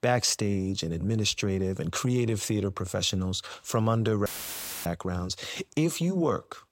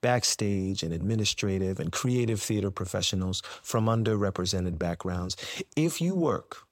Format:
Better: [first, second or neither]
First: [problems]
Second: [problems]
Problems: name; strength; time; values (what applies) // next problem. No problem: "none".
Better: second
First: audio cutting out; filled with static; at 4.5 s for 0.5 s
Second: none